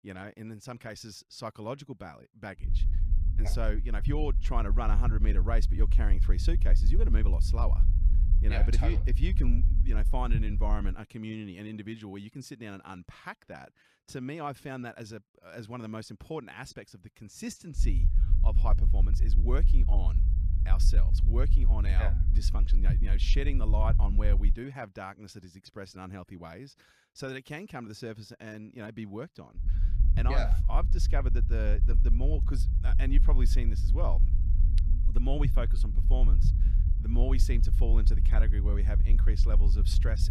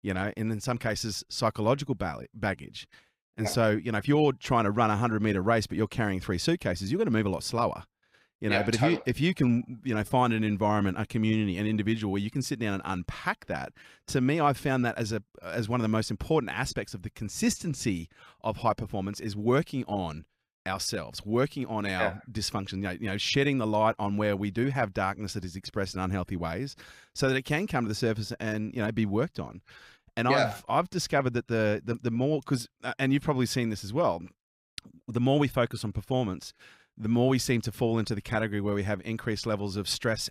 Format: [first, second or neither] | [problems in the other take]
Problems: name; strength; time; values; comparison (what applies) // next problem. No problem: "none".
second | low rumble; loud; from 2.5 to 11 s, from 18 to 25 s and from 30 s on; 8 dB below the speech